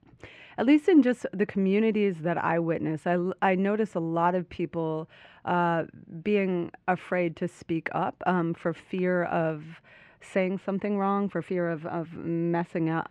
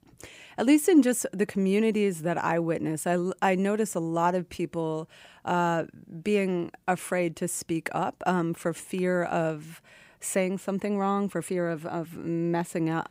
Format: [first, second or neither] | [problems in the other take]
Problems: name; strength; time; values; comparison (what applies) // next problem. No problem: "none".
second | muffled; very; fading above 2.5 kHz